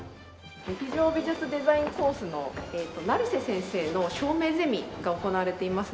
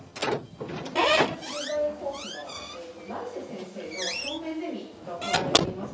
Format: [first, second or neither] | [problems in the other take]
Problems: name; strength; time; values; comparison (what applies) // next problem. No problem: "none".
first | background sound (Squeak / Slam); 5 dB above the speech // room echo; dies away in 0.7 s